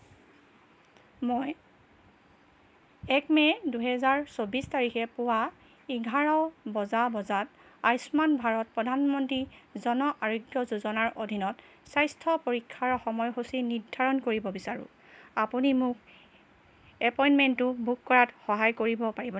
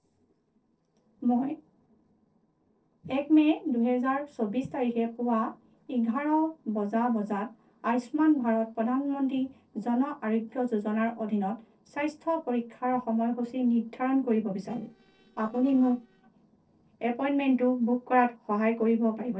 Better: first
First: none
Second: noise reduction (neural separator model SepFormer DNS4)

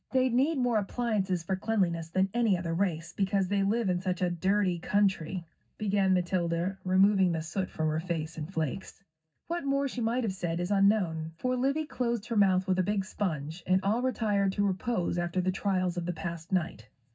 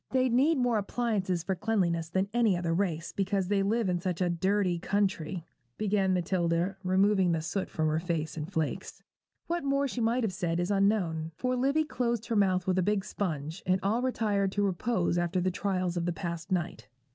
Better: second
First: room echo; dies away in 0.4 s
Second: none

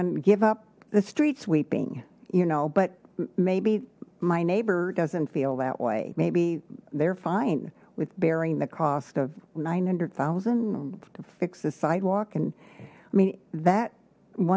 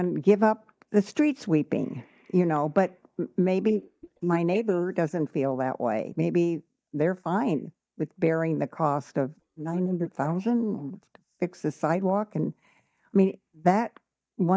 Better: first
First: none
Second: noise reduction (neural mask model DeepFilterNet 3)

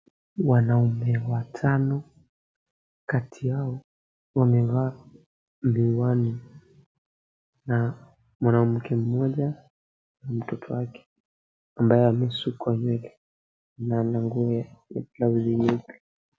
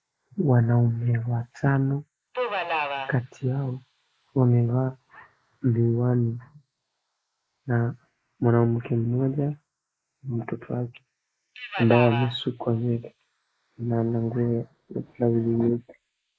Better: first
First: none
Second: noise reduction (neural mask model Resemble Enhance denoiser)

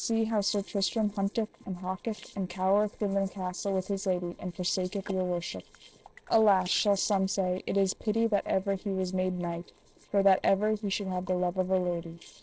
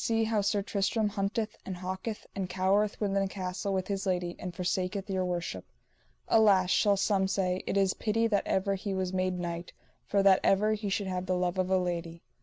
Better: second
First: noise reduction (neural separator model SepFormer DNS4)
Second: none

